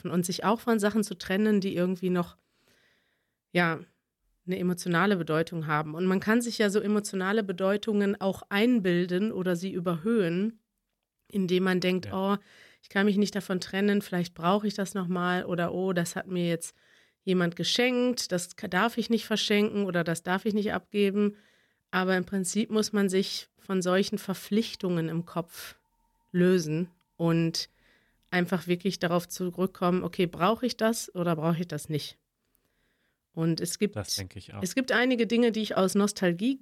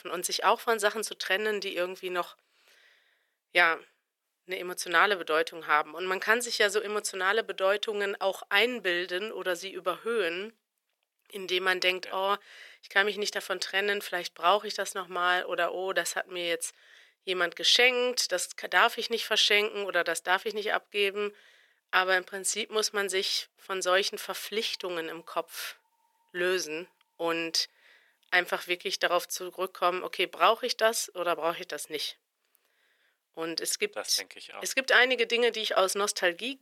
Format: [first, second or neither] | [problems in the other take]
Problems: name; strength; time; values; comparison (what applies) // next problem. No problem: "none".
first | thin; very; fading below 500 Hz